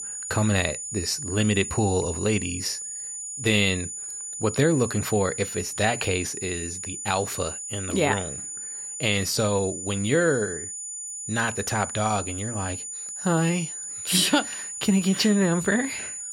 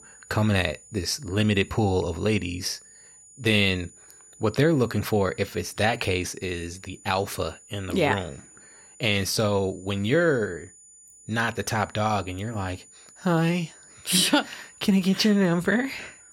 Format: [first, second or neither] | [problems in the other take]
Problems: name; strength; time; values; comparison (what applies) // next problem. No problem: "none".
second | high-pitched whine; loud; throughout; 7 kHz, 7 dB below the speech; faint in the second